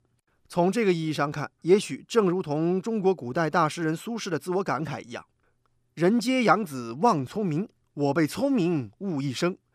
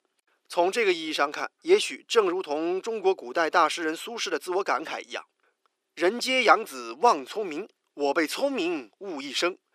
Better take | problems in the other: first | thin; somewhat; fading below 350 Hz

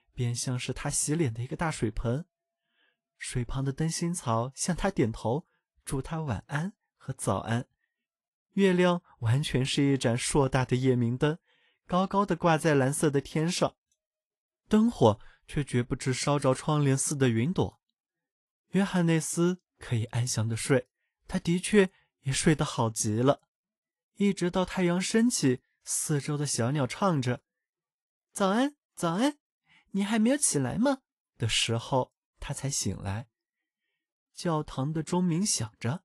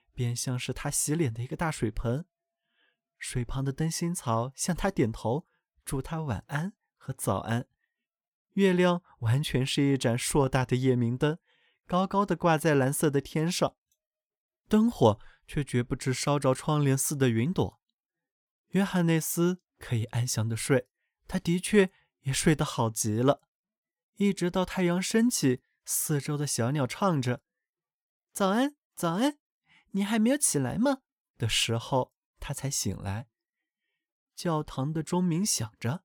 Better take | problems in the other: second | garbled, watery; slightly; nothing above 11 kHz

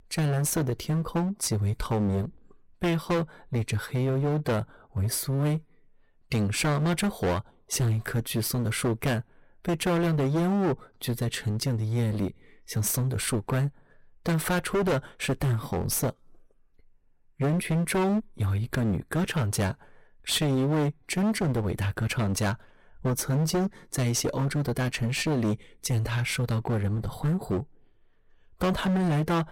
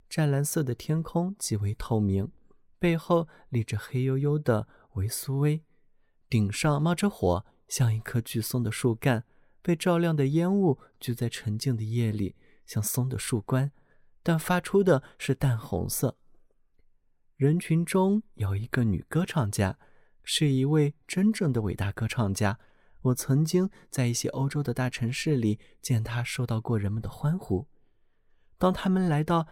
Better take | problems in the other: second | distortion; heavy; 19% of the sound clipped

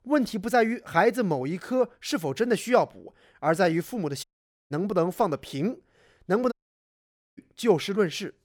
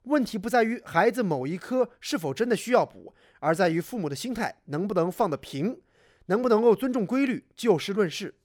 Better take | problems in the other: second | audio cutting out; at 4 s and at 6.5 s for 1 s

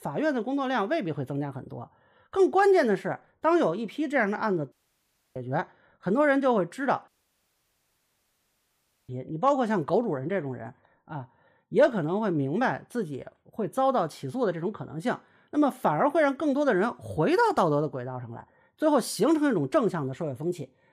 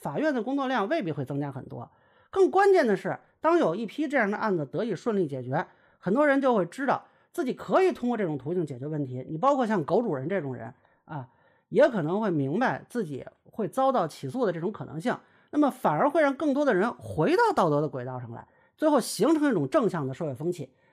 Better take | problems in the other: second | audio cutting out; at 4.5 s for 0.5 s and at 7 s for 2 s

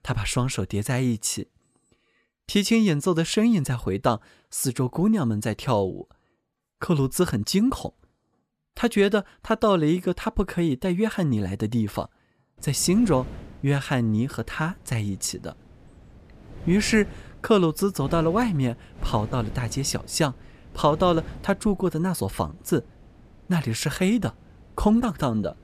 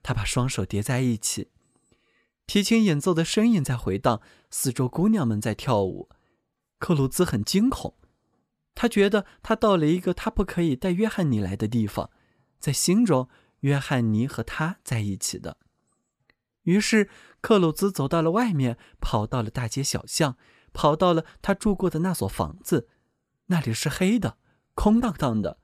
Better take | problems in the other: second | wind noise on the microphone; occasional gusts; from 13 s on; 20 dB below the speech

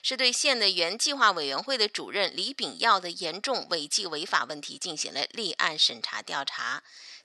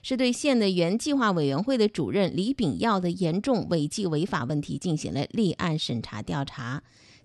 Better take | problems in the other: second | thin; very; fading below 750 Hz

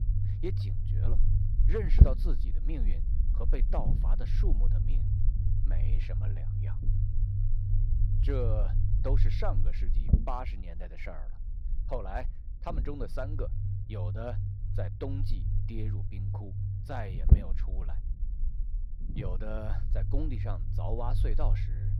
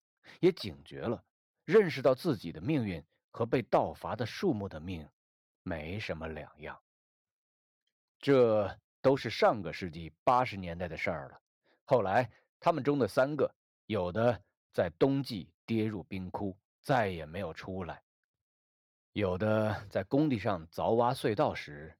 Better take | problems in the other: second | low rumble; loud; throughout; 5 dB below the speech

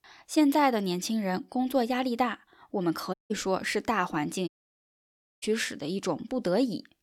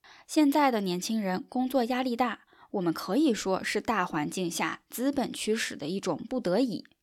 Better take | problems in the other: second | audio cutting out; at 3 s and at 4.5 s for 1 s

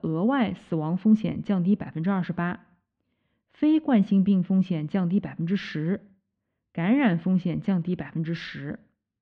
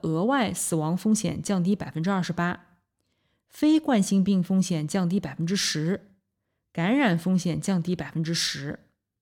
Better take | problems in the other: second | muffled; very; fading above 3 kHz

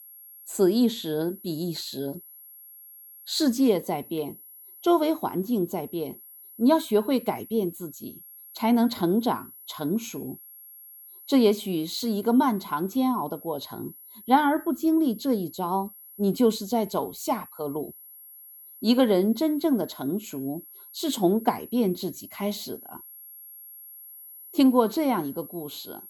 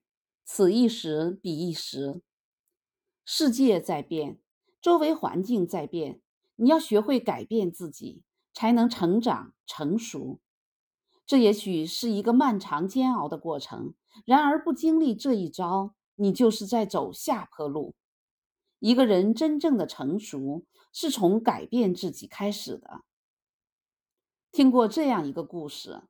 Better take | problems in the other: second | high-pitched whine; noticeable; throughout; 11.5 kHz, 20 dB below the speech

